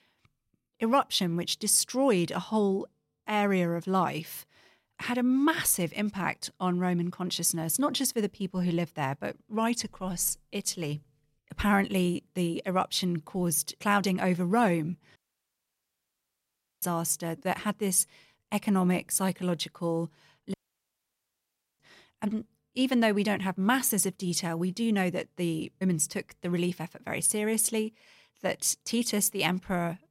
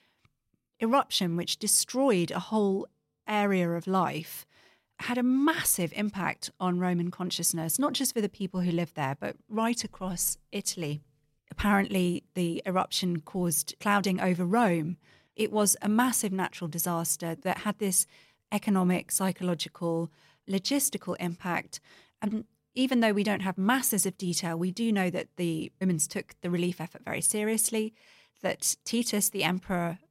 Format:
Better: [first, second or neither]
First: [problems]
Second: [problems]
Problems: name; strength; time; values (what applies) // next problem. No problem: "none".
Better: second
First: audio cutting out; at 15 s for 1.5 s and at 21 s for 1.5 s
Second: none